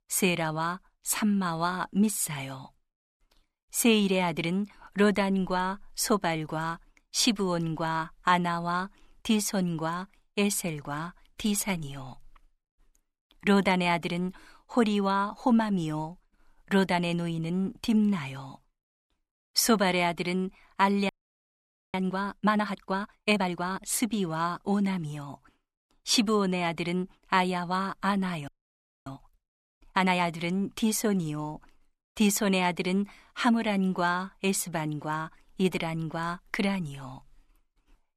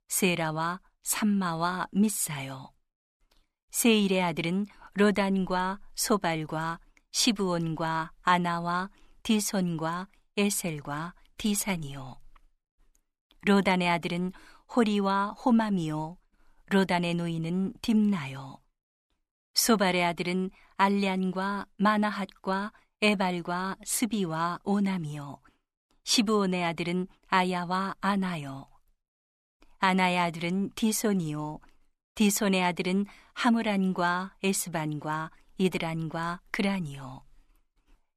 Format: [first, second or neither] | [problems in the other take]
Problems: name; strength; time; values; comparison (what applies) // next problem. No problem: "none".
second | audio freezing; at 21 s for 1 s and at 28 s for 0.5 s